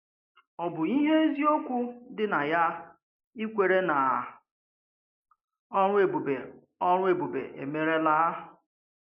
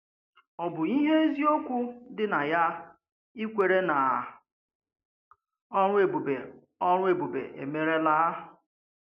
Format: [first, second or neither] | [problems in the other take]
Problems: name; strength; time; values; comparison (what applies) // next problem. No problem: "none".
second | noise reduction (neural mask model Resemble Enhance denoiser)